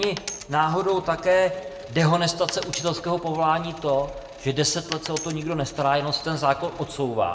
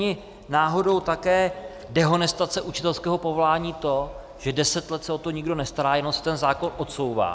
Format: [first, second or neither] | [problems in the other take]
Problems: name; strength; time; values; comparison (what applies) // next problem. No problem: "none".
second | background sound (Coin (dropping)); 16 dB below the speech // room echo; dies away in 0.6 s